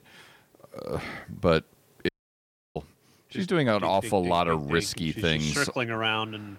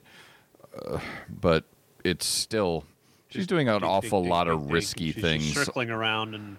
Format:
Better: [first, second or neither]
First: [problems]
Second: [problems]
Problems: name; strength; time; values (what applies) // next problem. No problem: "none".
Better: second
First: audio cutting out; at 2 s for 0.5 s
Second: none